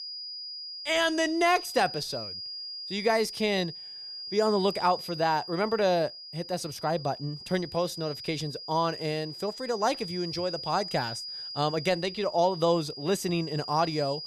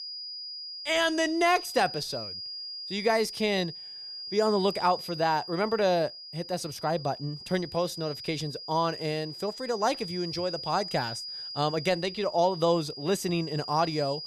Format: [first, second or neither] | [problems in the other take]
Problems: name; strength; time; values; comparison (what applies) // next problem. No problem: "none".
neither | high-pitched whine; loud; throughout; 5 kHz, 9 dB below the speech; the same in both